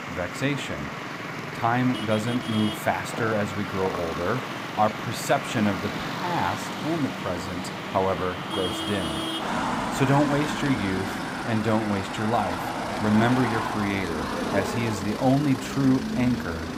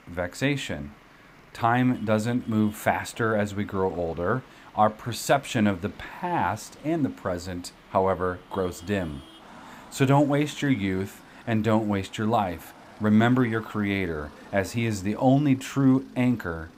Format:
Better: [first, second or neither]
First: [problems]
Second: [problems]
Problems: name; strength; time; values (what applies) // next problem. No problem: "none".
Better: second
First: traffic noise; loud; throughout; 4 dB below the speech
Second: traffic noise; faint; throughout; 25 dB below the speech